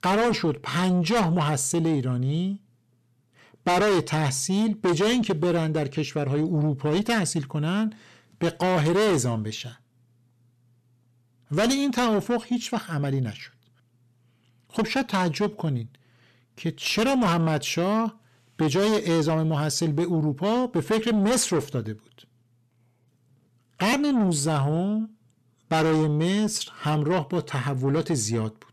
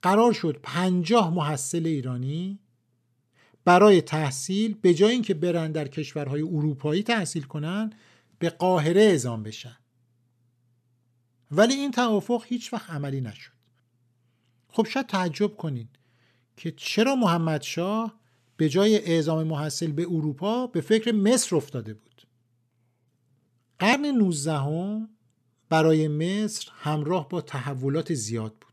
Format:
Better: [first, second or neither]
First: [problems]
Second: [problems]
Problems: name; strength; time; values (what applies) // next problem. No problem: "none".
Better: second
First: distortion; heavy; 6 dB below the speech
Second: none